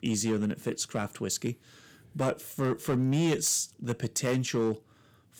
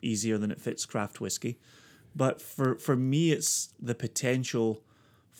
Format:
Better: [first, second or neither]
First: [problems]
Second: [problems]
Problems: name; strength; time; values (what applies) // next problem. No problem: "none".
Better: second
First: distortion; slight; 5% of the sound clipped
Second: none